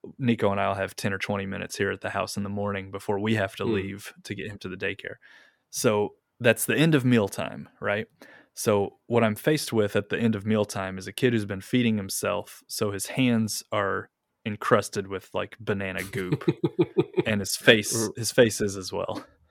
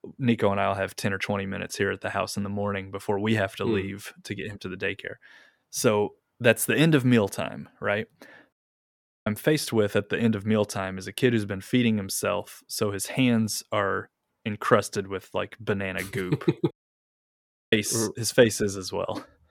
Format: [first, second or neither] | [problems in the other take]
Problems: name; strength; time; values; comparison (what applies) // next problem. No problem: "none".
first | audio cutting out; at 8.5 s for 0.5 s and at 17 s for 1 s